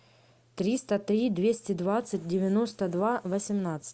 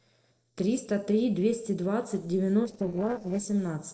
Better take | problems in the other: first | noise reduction (neural separator model SepFormer DNS4)

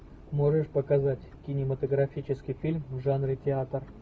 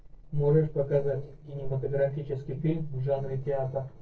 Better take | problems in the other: first | noise reduction (neural separator model SepFormer DNS4)

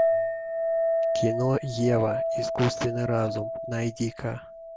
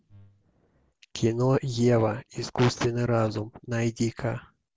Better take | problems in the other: second | background sound (Chink, clink); as loud as the speech

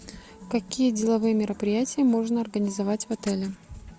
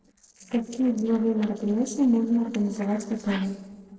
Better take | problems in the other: first | noise reduction (neural separator model SepFormer DNS4)

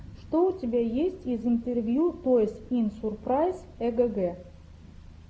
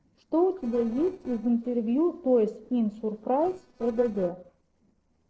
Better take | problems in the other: first | noise reduction (neural separator model SepFormer DNS4)

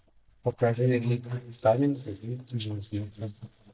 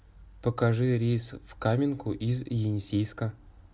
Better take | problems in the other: second | noise reduction (neural mask model DeepFilterNet 3)

